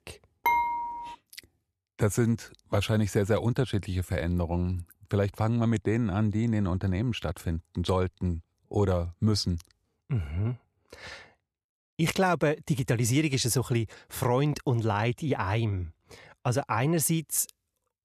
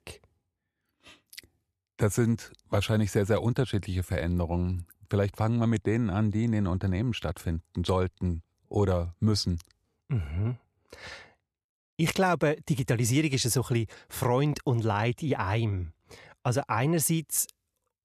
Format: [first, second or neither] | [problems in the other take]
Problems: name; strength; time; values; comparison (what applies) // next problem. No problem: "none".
second | clattering dishes; loud; at 0.5 s; peak 2 dB above the speech